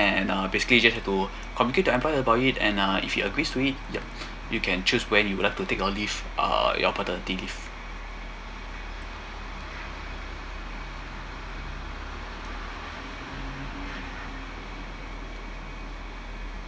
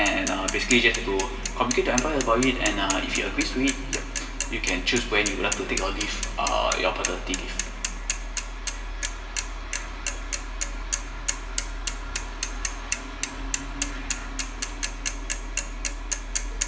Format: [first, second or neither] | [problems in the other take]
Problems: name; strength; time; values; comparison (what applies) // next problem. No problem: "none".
first | background sound (Mechanisms / Bicycle); 6 dB below the speech // room echo; dies away in 2.3 s